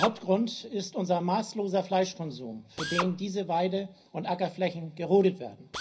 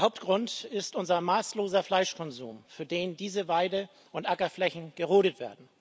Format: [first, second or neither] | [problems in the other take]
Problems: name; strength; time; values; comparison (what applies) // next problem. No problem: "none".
second | background sound (Drill); 12 dB below the speech // room echo; dies away in 0.5 s